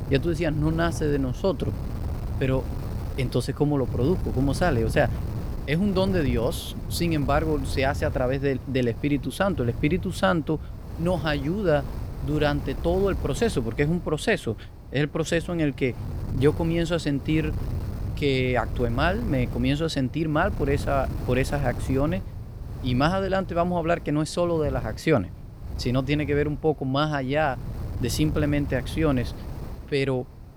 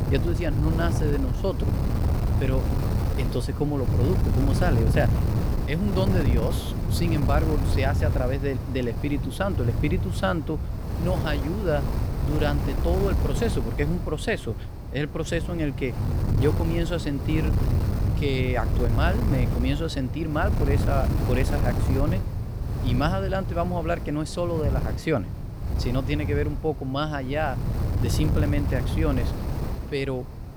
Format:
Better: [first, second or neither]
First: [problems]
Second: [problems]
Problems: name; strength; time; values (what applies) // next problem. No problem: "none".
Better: first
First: wind noise on the microphone; occasional gusts; 15 dB below the speech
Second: wind noise on the microphone; heavy; 6 dB below the speech